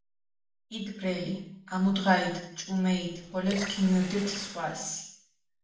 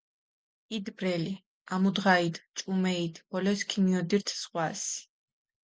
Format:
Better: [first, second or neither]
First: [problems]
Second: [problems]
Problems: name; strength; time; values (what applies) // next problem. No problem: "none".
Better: second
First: background sound (Water tap, faucet / Water); 12 dB below the speech // room echo; dies away in 0.6 s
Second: none